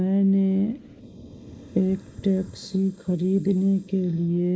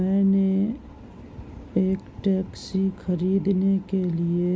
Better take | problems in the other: second | noise reduction (neural mask model Resemble Enhance denoiser)

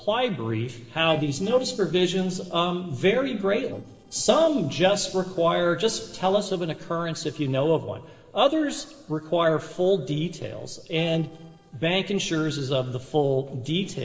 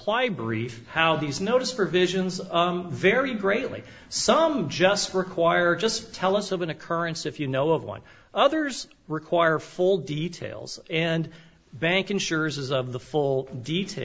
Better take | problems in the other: second | noise reduction (neural separator model SepFormer DNS4)

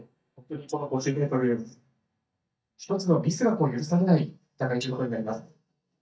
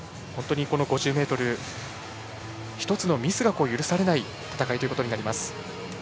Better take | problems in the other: second | noise reduction (neural mask model DeepFilterNet 3)

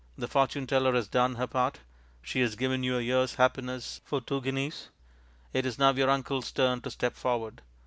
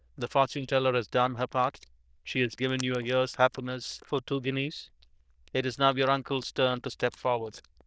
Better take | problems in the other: first | noise reduction (neural diffusion model UNIVERSE++)

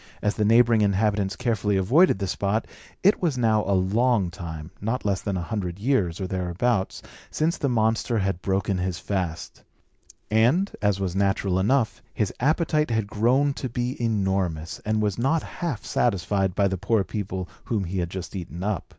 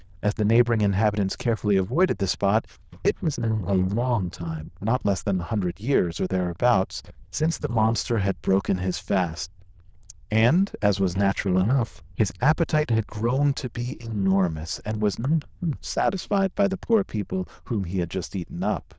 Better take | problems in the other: first | noise reduction (neural diffusion model UNIVERSE++)

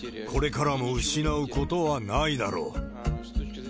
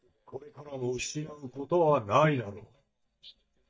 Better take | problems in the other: first | noise reduction (neural mask model DeepFilterNet 3)

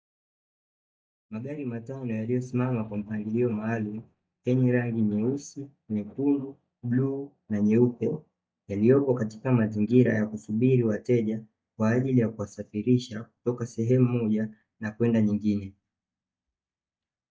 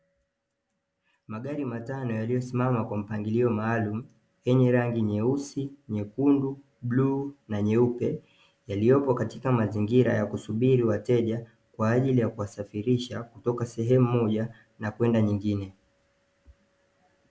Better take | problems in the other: second | noise reduction (neural mask model DeepFilterNet 3)

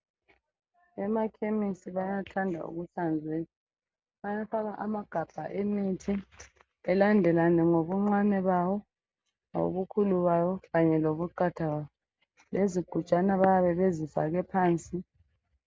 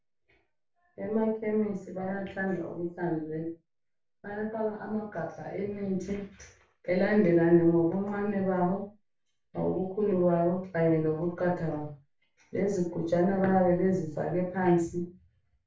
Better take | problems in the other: first | room echo; dies away in 0.3 s

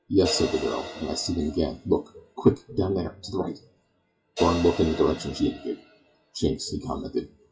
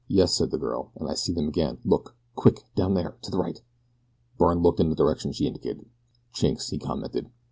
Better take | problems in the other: second | noise reduction (classical method WPE with log-MMSE)

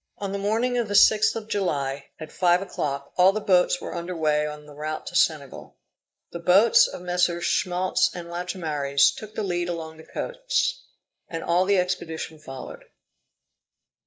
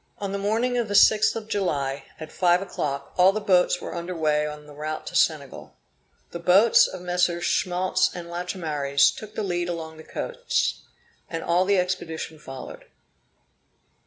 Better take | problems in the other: second | noise reduction (neural mask model Resemble Enhance denoiser)

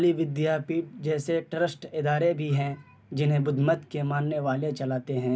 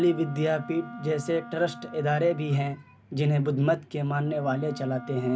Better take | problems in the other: first | background sound (Wind instrument, woodwind instrument); 17 dB below the speech

